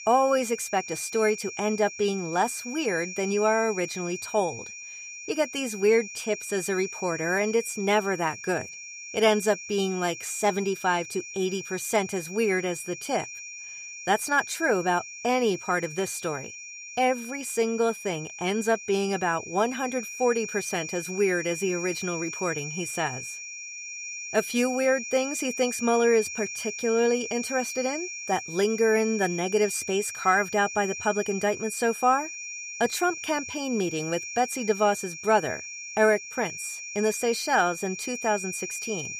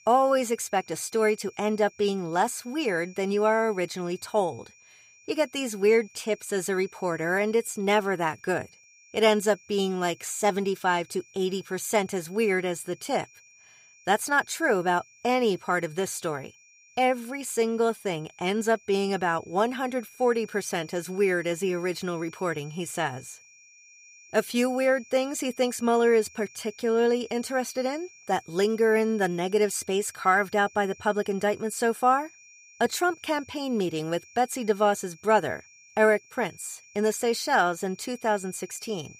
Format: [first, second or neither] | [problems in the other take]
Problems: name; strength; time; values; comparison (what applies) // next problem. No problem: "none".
second | high-pitched whine; loud; throughout; 2.5 kHz, 9 dB below the speech; faint in the second